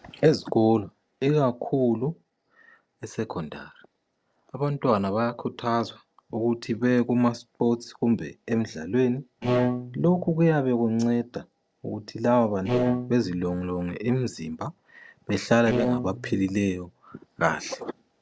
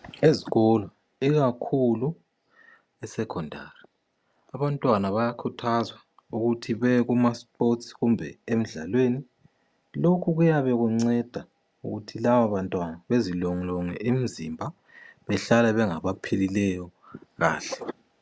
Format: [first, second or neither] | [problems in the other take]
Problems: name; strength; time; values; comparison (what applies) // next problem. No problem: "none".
second | noise reduction (neural separator model SepFormer DNS4)